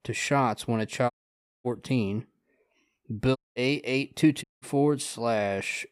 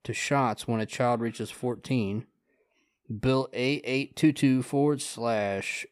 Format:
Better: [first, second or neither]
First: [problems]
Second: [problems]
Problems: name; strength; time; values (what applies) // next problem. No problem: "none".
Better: second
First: audio cutting out; at 1 s for 0.5 s, at 3.5 s and at 4.5 s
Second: none